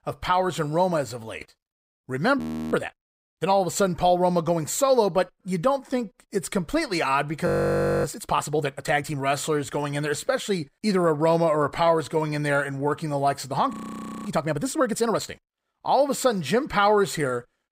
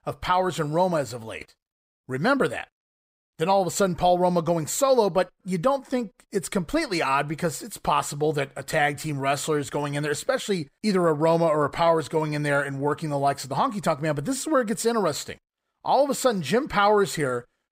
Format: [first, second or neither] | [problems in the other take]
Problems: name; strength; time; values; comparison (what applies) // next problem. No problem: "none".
second | audio freezing; at 2.5 s, at 7.5 s for 0.5 s and at 14 s for 0.5 s